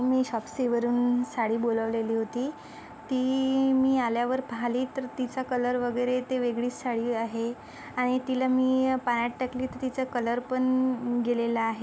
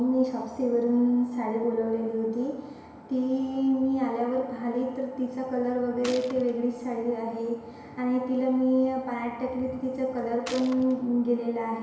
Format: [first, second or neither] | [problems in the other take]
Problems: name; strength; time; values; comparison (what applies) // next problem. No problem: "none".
first | background sound (Gunshot, gunfire); 17 dB below the speech // room echo; dies away in 1 s